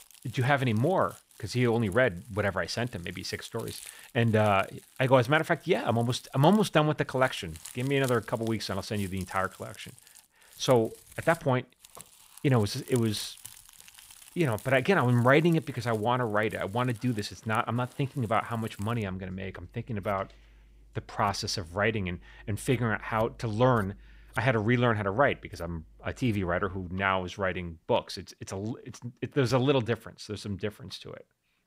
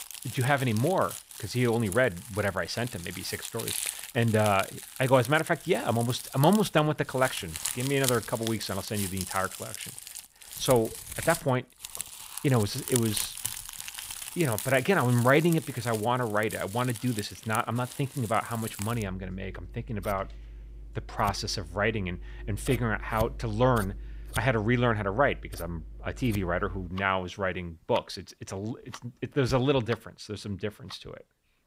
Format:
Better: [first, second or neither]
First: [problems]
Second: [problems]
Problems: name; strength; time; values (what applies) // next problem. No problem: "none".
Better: first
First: household noises; faint; throughout; 20 dB below the speech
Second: household noises; loud; throughout; 10 dB below the speech